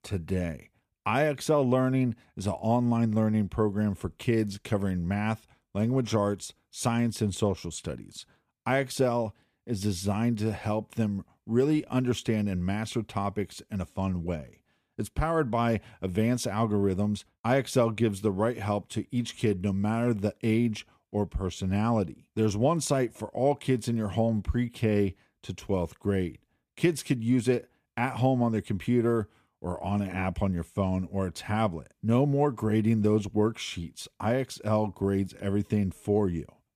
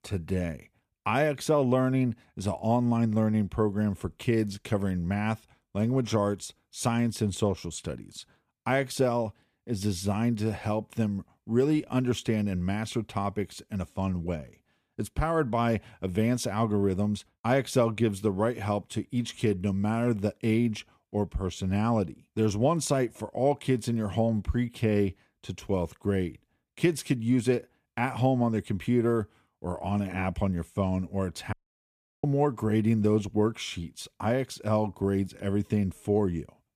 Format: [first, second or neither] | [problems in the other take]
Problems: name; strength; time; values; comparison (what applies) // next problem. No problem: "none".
first | audio cutting out; at 32 s for 0.5 s